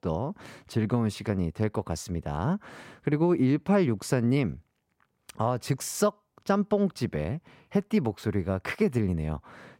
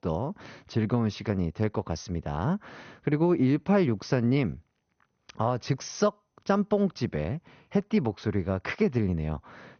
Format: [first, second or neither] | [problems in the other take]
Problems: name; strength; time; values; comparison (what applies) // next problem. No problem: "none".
first | garbled, watery; slightly; nothing above 6.5 kHz